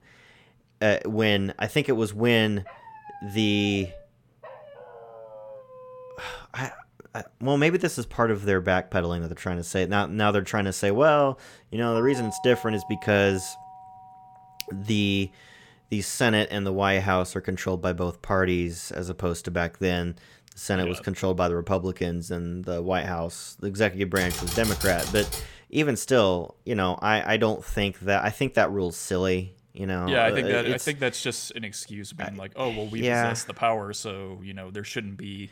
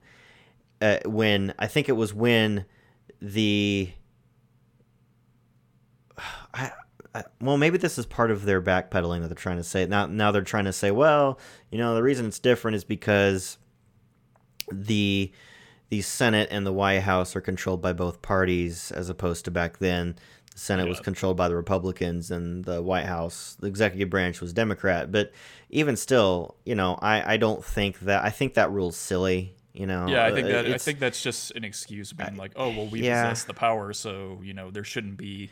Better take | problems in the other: second | dog barking; faint; from 2.5 to 6.5 s; peak 15 dB below the speech // doorbell; faint; from 12 to 15 s; peak 10 dB below the speech // keyboard typing; noticeable; from 24 to 26 s; peak 3 dB below the speech

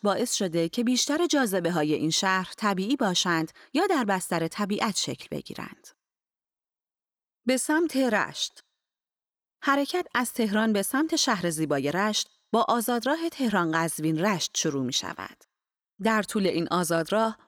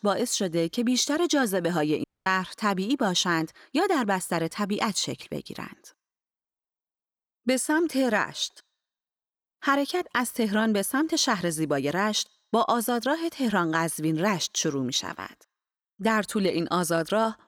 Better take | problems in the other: first | audio cutting out; at 2 s

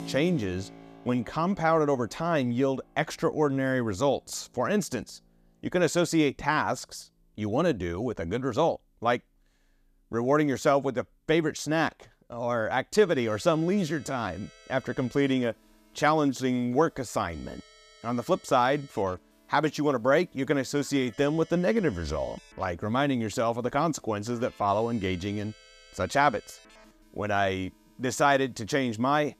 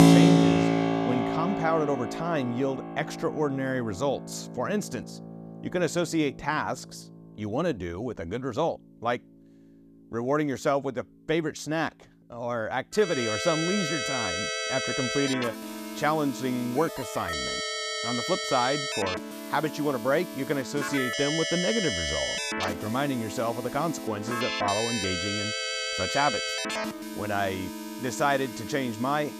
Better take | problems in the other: first | background music; loud; throughout; as loud as the speech; faint in the first

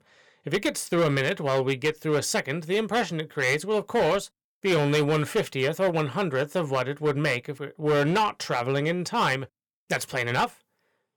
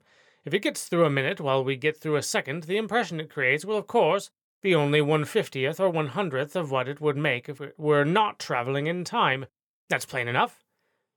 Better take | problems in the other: second | distortion; slight; 9% of the sound clipped

